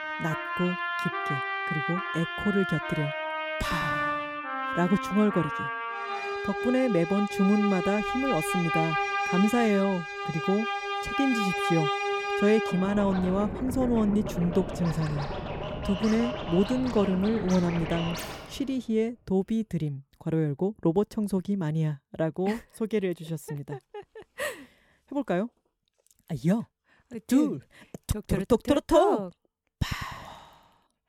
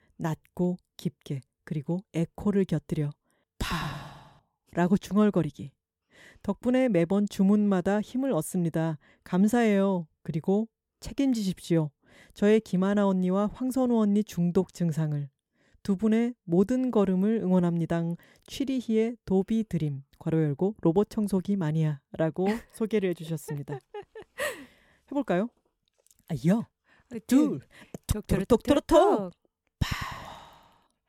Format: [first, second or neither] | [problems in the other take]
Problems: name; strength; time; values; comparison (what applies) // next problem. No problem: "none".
second | background music; loud; until 18 s; 3 dB below the speech